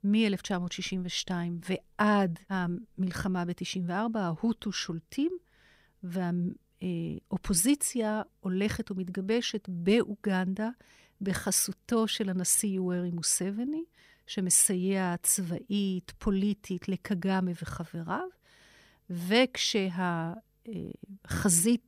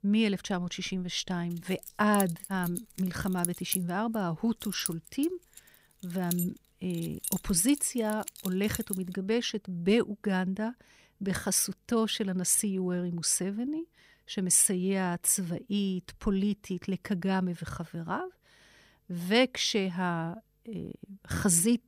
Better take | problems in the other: first | jangling keys; noticeable; from 2 to 9 s; peak 2 dB below the speech

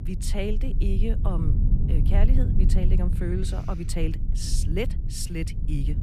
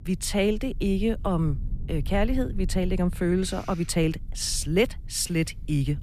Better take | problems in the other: second | low rumble; loud; throughout; 6 dB below the speech; faint in the second

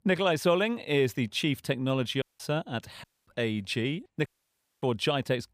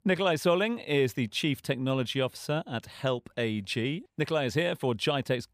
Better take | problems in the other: second | audio cutting out; at 2 s, at 3 s and at 4.5 s for 0.5 s

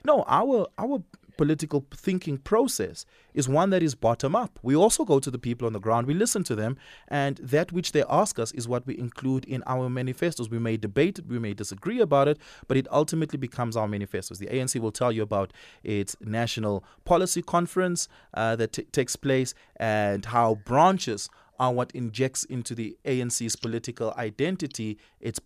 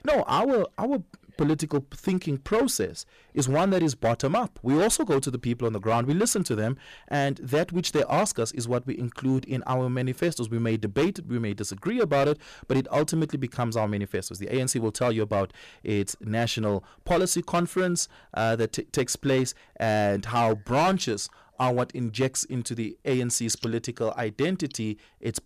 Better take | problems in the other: first | distortion; slight; 7% of the sound clipped

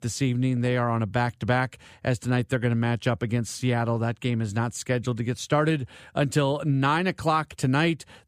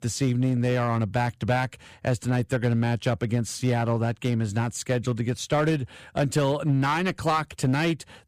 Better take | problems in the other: first | distortion; slight; 6% of the sound clipped

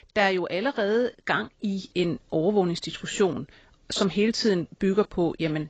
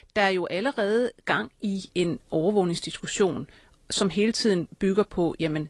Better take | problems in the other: second | garbled, watery; badly; nothing above 7.5 kHz; slightly in the second

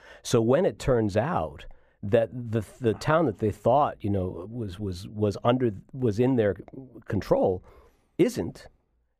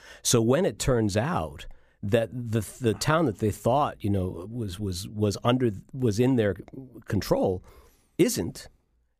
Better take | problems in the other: second | muffled; slightly; fading above 4 kHz

